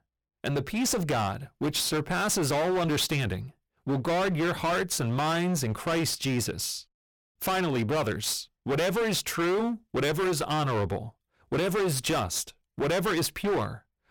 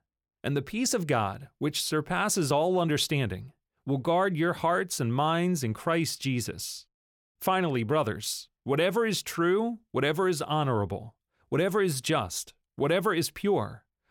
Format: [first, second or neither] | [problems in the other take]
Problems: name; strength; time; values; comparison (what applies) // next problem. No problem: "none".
second | distortion; heavy; 24% of the sound clipped